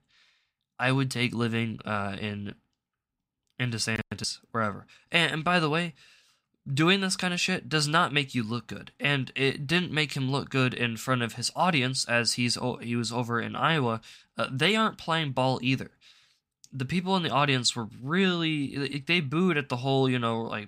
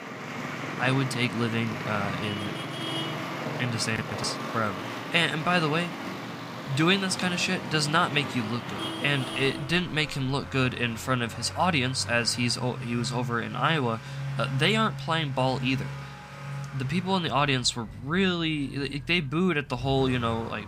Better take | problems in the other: first | traffic noise; loud; throughout; 9 dB below the speech

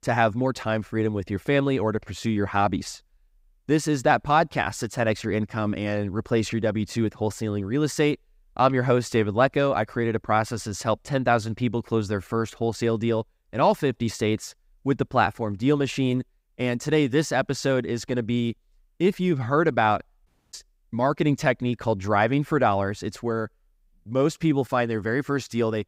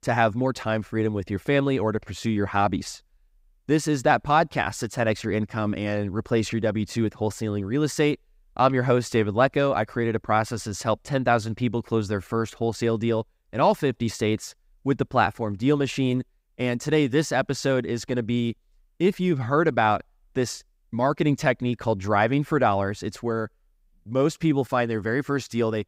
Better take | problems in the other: second | audio cutting out; at 20 s

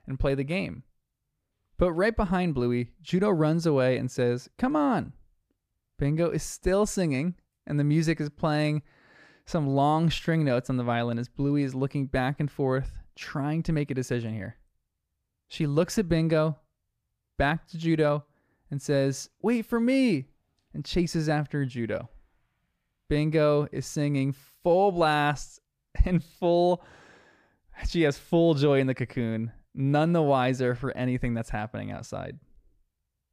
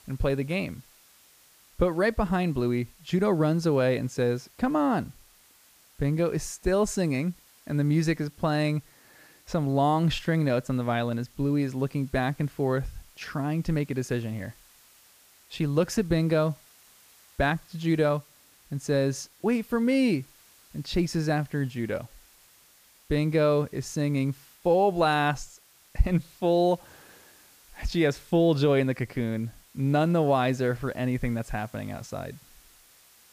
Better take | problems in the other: first | hiss; faint; throughout; 30 dB below the speech

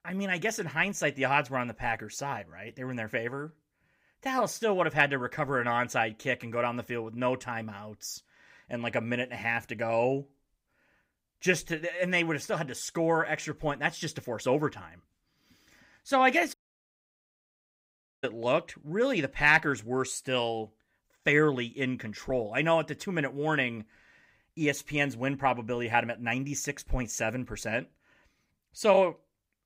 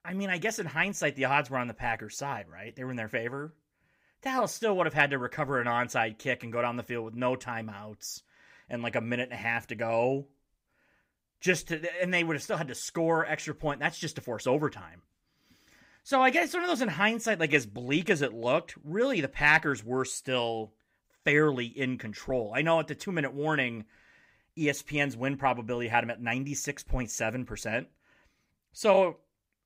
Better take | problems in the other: second | audio cutting out; at 17 s for 1.5 s

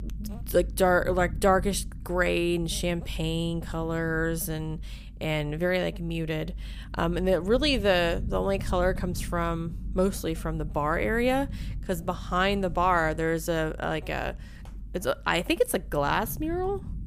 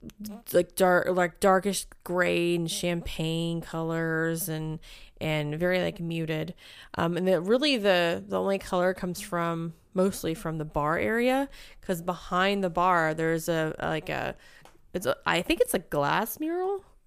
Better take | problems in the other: second | low rumble; faint; throughout; 25 dB below the speech

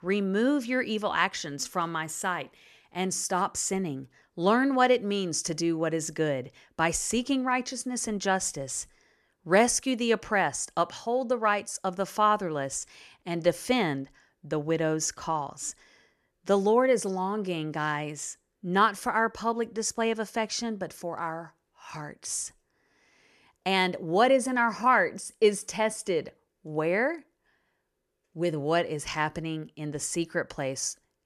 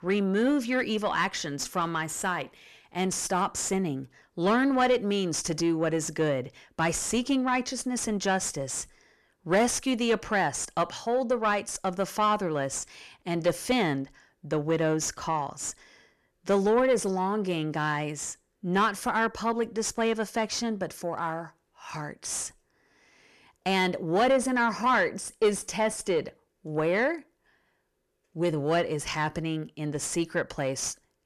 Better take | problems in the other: first | distortion; slight; 10 dB below the speech

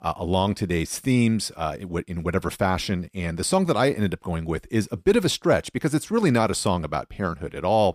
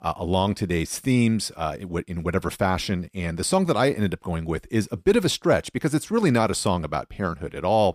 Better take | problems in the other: neither | none

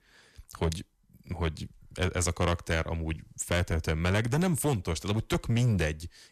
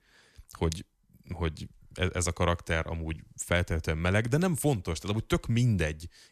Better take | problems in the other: second | distortion; slight; 6% of the sound clipped

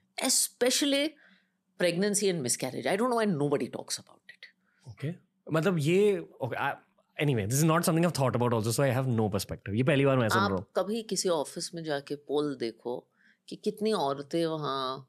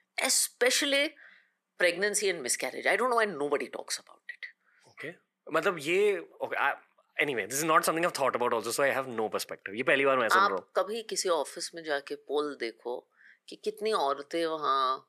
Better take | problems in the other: first | thin; somewhat; fading below 450 Hz

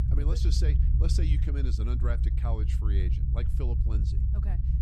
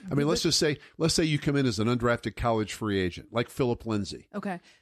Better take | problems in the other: second | low rumble; loud; throughout; 2 dB below the speech

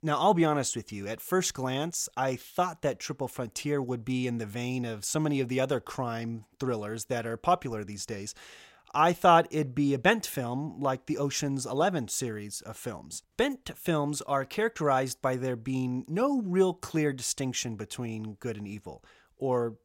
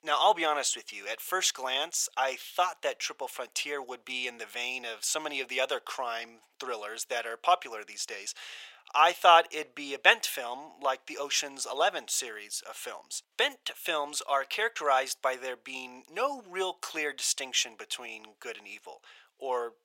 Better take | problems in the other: first | thin; very; fading below 550 Hz

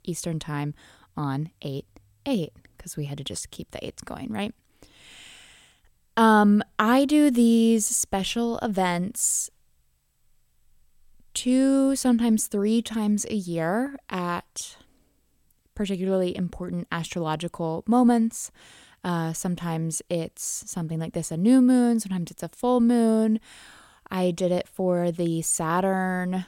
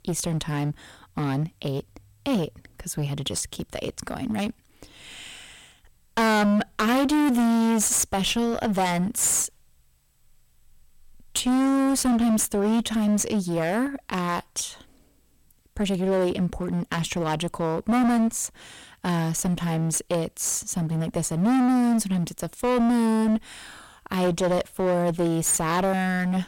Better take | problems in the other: first | distortion; heavy; 17% of the sound clipped

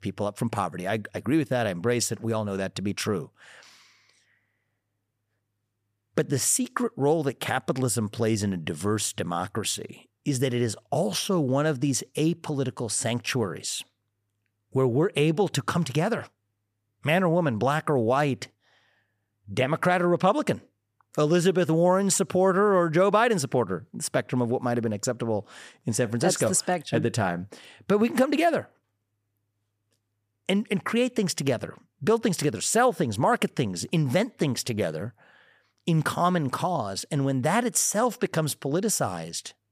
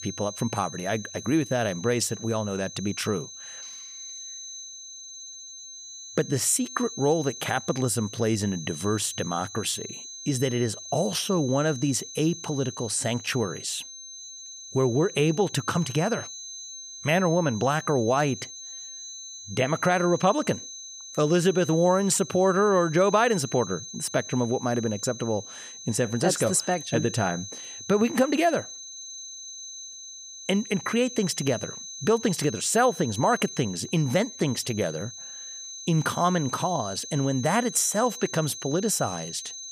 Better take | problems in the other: first | high-pitched whine; noticeable; throughout; 6.5 kHz, 10 dB below the speech

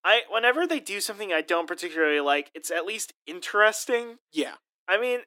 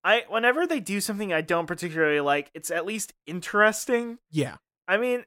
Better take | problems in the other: second | thin; very slightly; fading below 300 Hz

